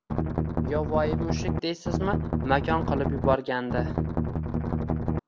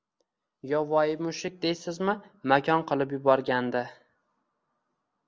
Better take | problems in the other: second | background sound (Strum); 3 dB above the speech

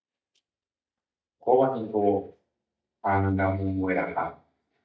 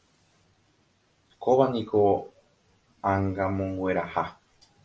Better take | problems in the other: second | noise reduction (neural mask model DeepFilterNet 3)

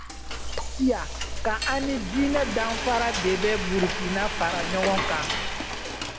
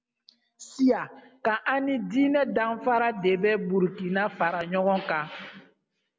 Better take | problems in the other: second | background sound (Frying (food)); 2 dB below the speech

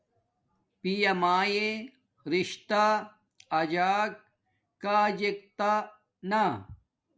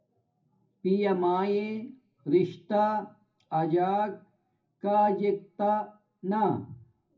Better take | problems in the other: first | room echo; dies away in 0.4 s

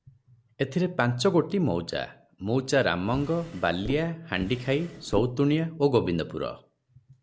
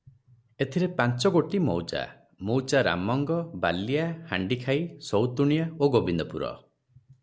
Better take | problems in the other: second | background sound (Drawer open or close); 12 dB below the speech

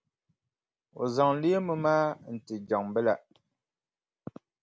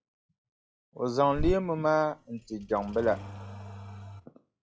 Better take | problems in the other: first | noise reduction (classical method log-MMSE)

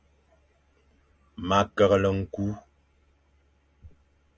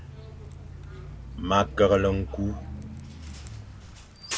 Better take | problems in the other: first | background sound (Bus); 9 dB below the speech

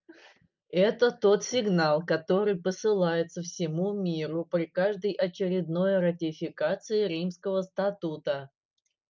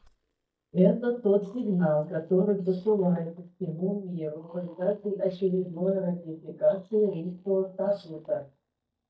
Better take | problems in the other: first | noise reduction (neural mask model DeepFilterNet 3)

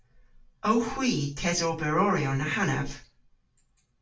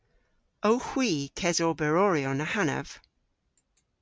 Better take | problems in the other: second | room echo; dies away in 0.3 s

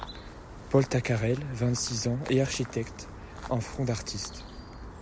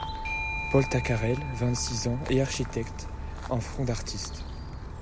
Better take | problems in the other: first | background sound (Motorcycle + Bell / Doorbell); 6 dB below the speech

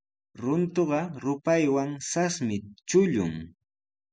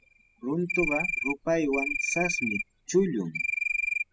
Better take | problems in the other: first | noise reduction (classical method spectral subtraction)

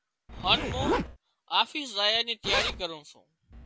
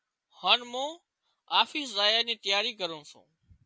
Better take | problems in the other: second | background sound (Zipper (clothing)); 4 dB below the speech

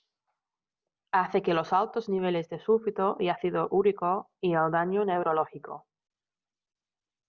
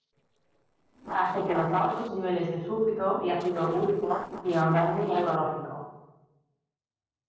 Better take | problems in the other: first | noise reduction (neural separator model SepFormer DNS4)

